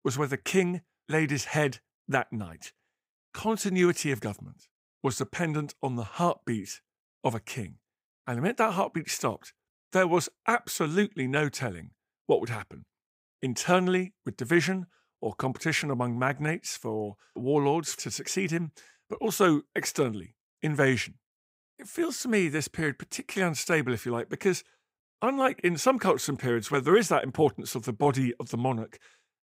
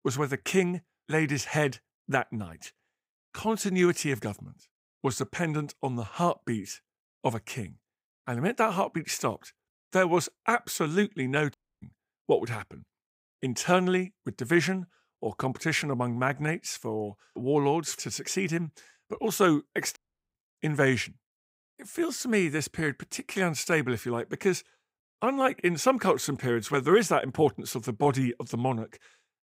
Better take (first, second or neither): first